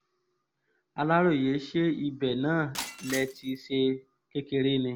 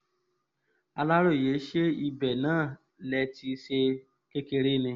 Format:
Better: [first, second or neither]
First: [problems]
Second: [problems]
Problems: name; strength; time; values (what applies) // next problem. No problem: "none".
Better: second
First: background sound (Shatter); 13 dB below the speech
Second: none